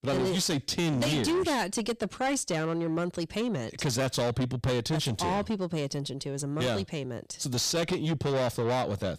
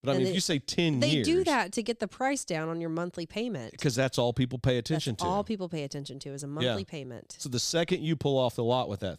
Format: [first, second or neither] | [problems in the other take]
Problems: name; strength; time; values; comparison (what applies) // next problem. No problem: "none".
second | distortion; heavy; 7 dB below the speech